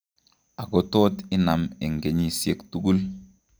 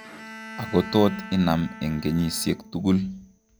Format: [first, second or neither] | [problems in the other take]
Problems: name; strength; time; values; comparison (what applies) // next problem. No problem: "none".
first | background sound (Bowed string instrument); 16 dB below the speech